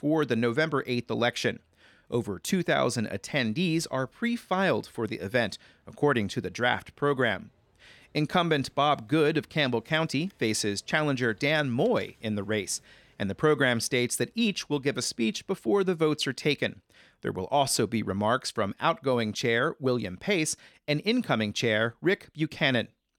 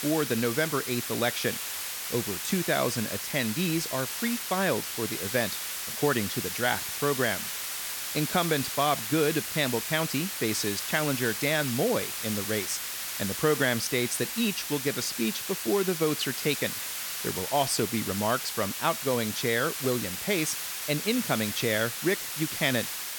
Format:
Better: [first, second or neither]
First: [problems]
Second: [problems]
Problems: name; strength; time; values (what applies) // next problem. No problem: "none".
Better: first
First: none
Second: hiss; loud; throughout; 3 dB below the speech